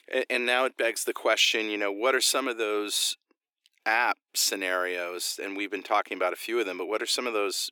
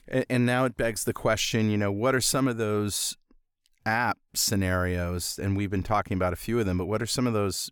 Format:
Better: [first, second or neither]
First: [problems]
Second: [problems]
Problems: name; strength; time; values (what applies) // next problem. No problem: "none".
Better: second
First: thin; very; fading below 300 Hz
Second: none